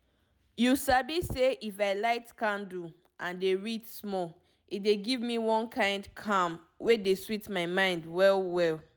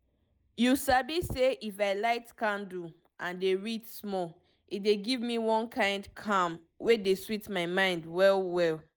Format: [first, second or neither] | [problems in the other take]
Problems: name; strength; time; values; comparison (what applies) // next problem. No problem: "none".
first | noise reduction (neural mask model Resemble Enhance denoiser)